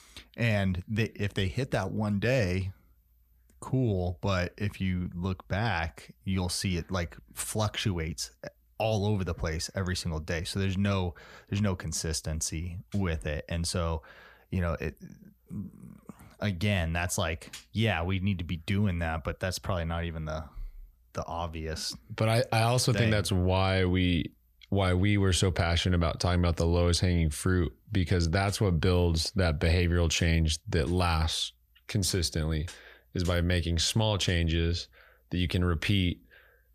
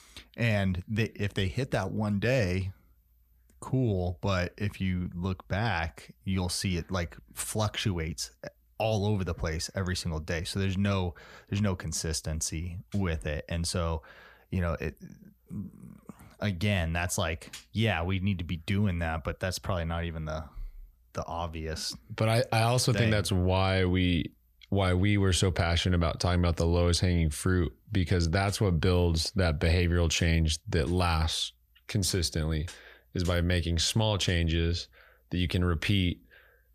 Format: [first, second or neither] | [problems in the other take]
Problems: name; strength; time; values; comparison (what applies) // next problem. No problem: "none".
neither | none